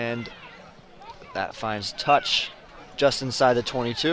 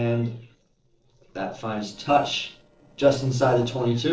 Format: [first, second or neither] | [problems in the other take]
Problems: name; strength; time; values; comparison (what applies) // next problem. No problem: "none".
first | noise reduction (neural separator model SepFormer DNS4)